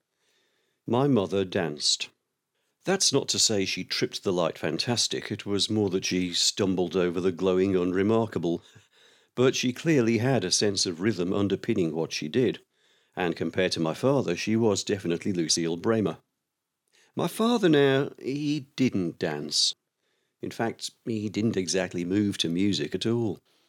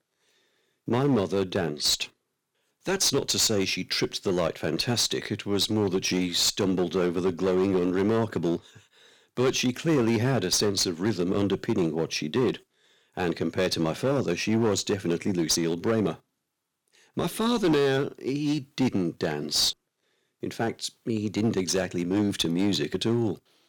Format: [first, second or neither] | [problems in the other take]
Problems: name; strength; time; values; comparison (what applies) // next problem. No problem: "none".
first | distortion; slight; 8% of the sound clipped